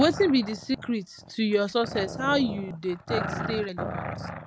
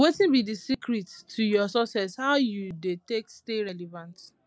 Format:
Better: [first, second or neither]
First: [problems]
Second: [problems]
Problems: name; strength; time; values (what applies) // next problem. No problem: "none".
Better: second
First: background sound (Growling); 8 dB below the speech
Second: none